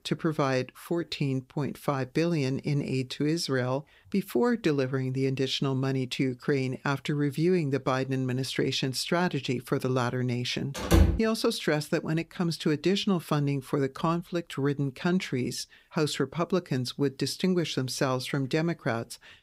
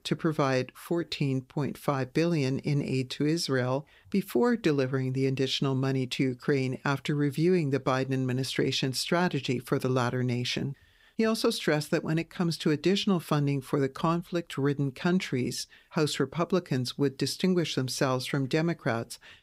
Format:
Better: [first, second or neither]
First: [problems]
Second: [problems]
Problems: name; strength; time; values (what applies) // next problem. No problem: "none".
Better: second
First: door banging; loud; at 11 s; peak 5 dB above the speech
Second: none